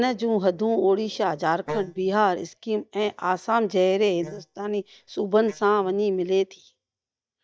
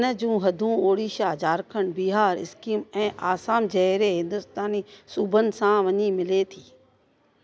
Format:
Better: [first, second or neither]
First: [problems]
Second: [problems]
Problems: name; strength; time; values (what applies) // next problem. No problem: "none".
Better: second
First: noise reduction (neural mask model DeepFilterNet 3)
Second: none